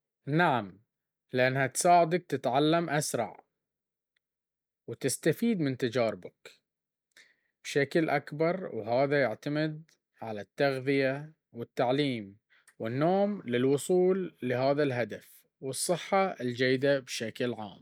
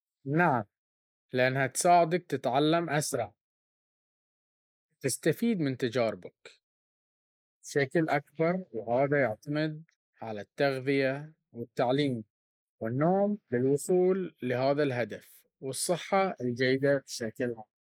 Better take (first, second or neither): first